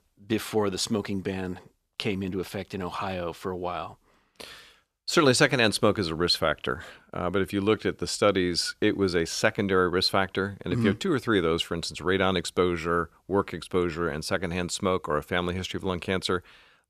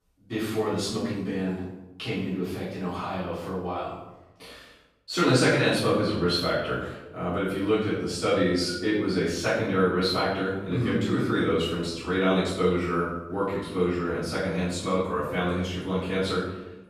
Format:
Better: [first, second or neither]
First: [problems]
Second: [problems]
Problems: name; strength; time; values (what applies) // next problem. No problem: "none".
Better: first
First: none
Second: off-mic speech; far // room echo; noticeable; dies away in 0.8 s